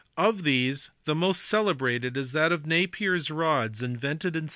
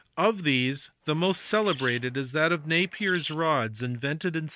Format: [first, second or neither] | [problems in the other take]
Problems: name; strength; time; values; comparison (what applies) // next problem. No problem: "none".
first | noise reduction (neural mask model RNNoise)